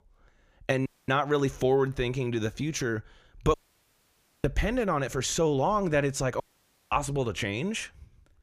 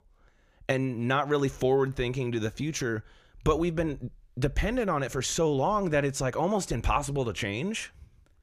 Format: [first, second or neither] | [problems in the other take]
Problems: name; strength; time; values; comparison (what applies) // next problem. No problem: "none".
second | audio cutting out; at 1 s, at 3.5 s for 1 s and at 6.5 s for 0.5 s